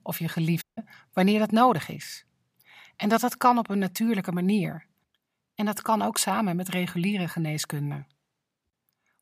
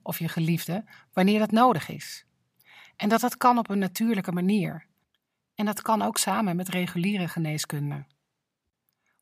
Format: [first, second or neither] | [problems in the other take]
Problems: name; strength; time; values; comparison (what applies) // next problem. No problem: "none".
second | audio cutting out; at 0.5 s